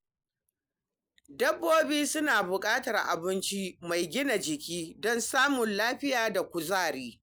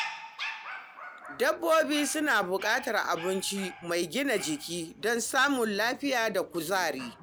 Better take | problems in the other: first | background sound (Dog); 14 dB below the speech

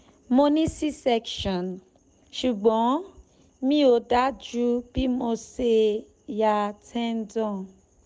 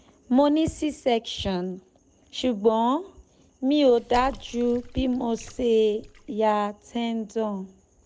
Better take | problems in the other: first | background sound (Water / Splash, splatter); 19 dB below the speech

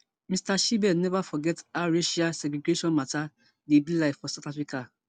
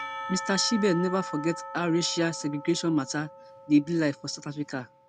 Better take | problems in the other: first | background sound (Church bell / Percussion); 12 dB below the speech

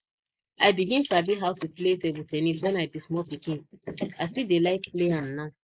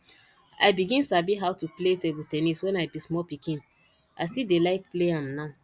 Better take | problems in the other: second | noise reduction (neural mask model Resemble Enhance denoiser)

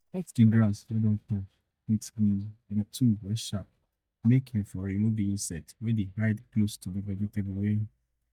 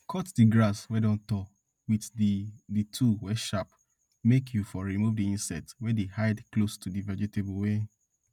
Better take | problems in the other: second | noise reduction (neural mask model DeepFilterNet 3)

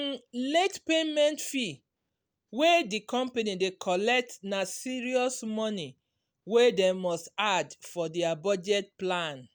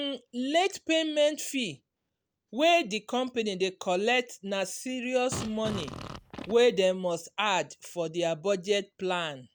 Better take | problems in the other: first | background sound (Fart); 10 dB below the speech

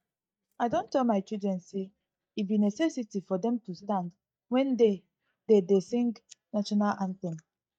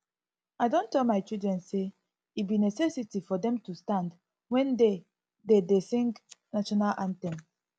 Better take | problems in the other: second | noise reduction (neural mask model DeepFilterNet 3)

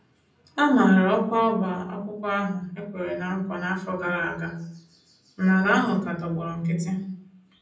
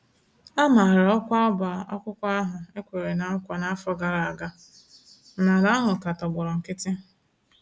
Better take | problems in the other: second | room echo; dies away in 0.6 s

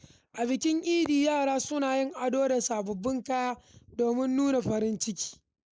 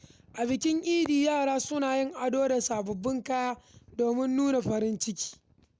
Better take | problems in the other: second | noise reduction (neural mask model Resemble Enhance denoiser)

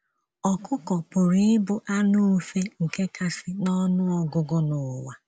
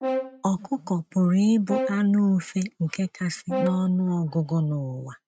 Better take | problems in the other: first | noise reduction (neural mask model RNNoise)

